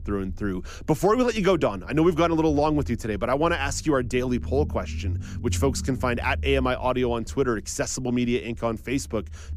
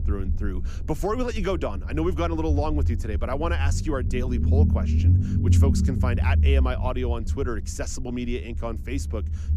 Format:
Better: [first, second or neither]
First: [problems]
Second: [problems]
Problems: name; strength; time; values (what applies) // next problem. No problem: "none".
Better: first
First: low rumble; faint; throughout; 25 dB below the speech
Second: low rumble; loud; throughout; 8 dB below the speech